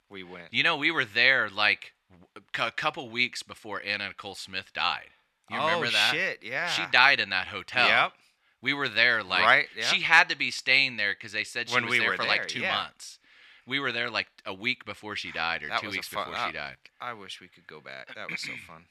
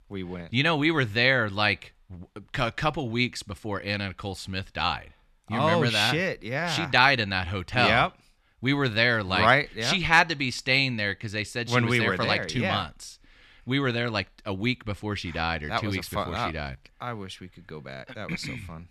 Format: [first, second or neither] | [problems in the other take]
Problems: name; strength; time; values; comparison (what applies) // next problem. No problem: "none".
second | thin; somewhat; fading below 600 Hz